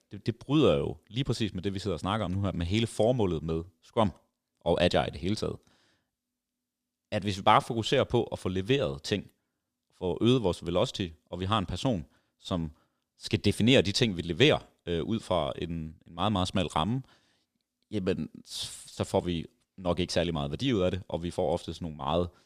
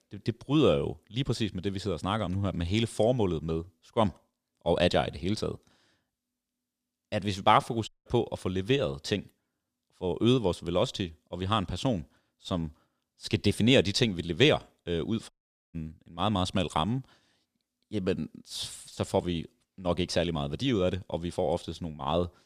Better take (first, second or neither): first